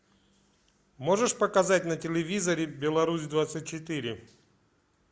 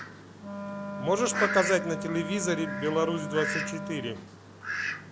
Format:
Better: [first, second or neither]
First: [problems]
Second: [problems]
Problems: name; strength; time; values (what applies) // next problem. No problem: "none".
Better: first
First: none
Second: background sound (Wind instrument, woodwind instrument + Fowl); 4 dB below the speech